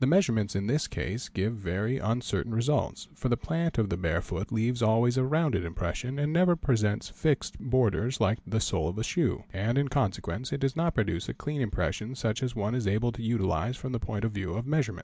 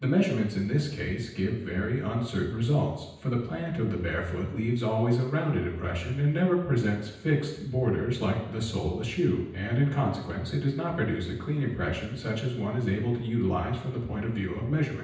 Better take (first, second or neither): first